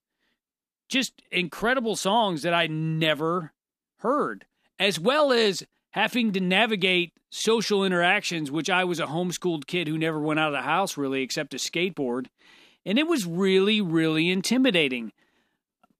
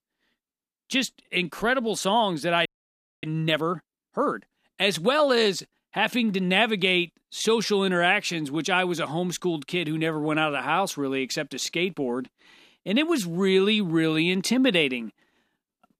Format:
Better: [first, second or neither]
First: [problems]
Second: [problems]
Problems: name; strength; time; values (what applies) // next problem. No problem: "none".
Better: first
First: none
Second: audio freezing; at 2.5 s for 0.5 s